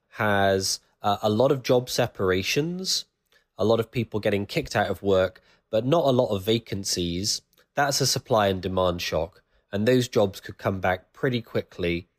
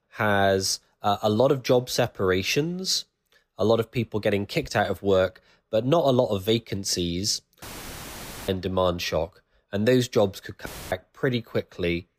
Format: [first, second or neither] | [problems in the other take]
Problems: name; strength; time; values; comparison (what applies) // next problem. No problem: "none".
first | audio cutting out; filled with static; at 7.5 s for 1 s and at 11 s